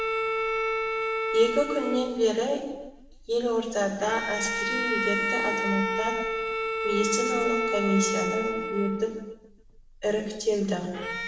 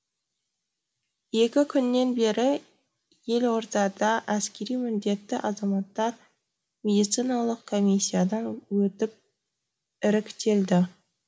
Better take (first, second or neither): second